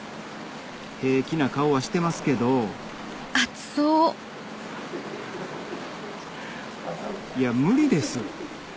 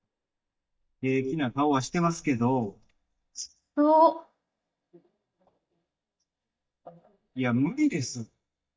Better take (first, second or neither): first